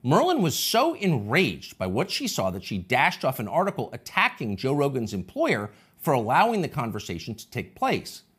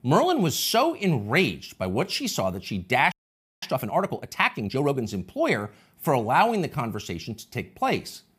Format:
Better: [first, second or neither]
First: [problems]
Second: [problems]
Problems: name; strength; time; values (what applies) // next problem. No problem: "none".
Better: first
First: none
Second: audio freezing; at 3 s for 0.5 s